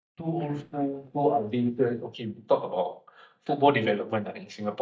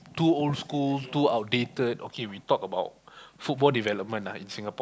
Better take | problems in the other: second | noise reduction (neural mask model DeepFilterNet 3)

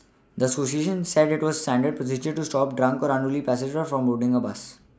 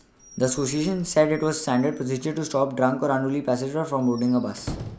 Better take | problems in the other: first | background sound (Squeak / Slam / Wood); 18 dB below the speech

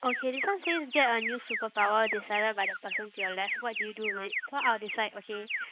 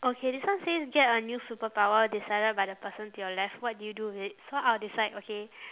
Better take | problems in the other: second | noise reduction (neural mask model Resemble Enhance denoiser)

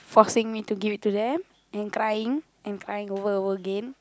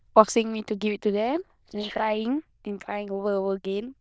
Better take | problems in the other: first | noise reduction (neural diffusion model UNIVERSE++)

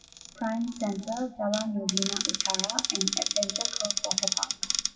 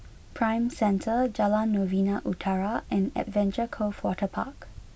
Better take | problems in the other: second | noise reduction (classical method WPE with log-MMSE)

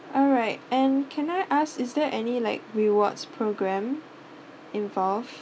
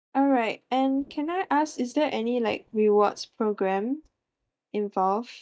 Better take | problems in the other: first | noise reduction (neural mask model DeepFilterNet 3)

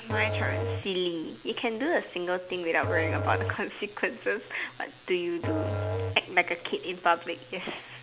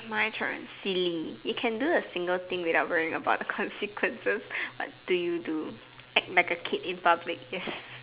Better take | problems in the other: second | background sound (Musical instrument); 5 dB below the speech

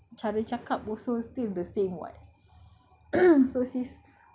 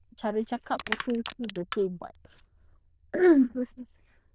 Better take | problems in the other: first | noise reduction (neural diffusion model UNIVERSE++)

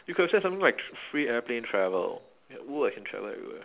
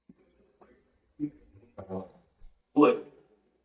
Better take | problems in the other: first | noise reduction (neural mask model DeepFilterNet 3)

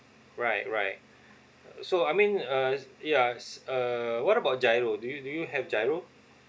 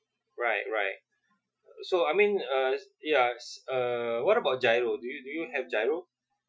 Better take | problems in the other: first | noise reduction (classical method Wiener filter)

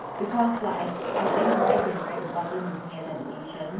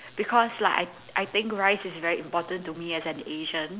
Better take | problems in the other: second | background sound (Skateboard); as loud as the speech // room echo; dies away in 0.9 s

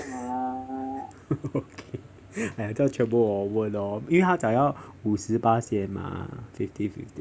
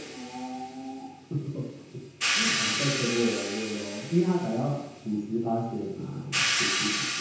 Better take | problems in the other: first | background sound (Hi-hat); 1 dB below the speech // room echo; dies away in 0.9 s

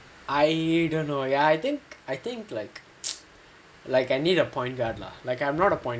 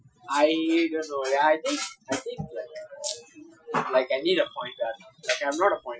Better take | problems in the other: first | noise reduction (classical method Wiener filter)

